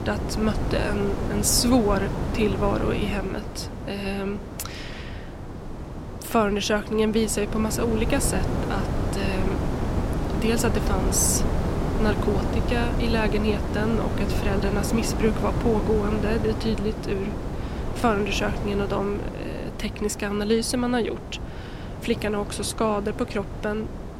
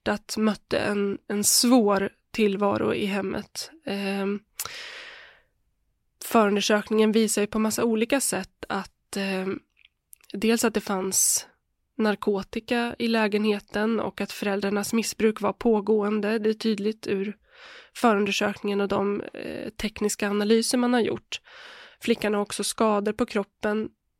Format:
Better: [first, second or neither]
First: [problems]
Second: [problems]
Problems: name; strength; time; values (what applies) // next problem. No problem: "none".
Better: second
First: wind noise on the microphone; heavy; 6 dB below the speech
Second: none